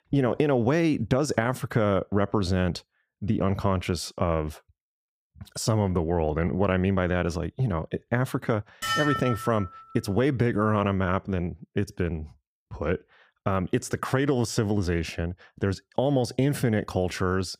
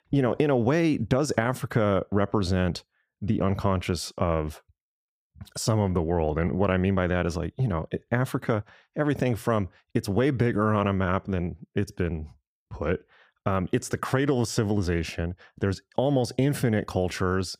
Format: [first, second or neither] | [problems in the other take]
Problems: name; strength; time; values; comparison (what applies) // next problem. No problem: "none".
second | clattering dishes; loud; at 9 s; peak level with the speech